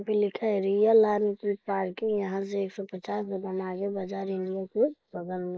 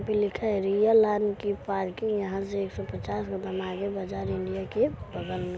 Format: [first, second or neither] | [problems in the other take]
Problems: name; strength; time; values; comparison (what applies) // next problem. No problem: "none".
second | noise reduction (neural mask model Resemble Enhance denoiser)